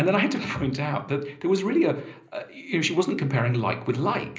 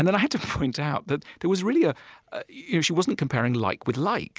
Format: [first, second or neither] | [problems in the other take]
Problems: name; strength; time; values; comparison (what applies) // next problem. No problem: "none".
second | room echo; dies away in 0.5 s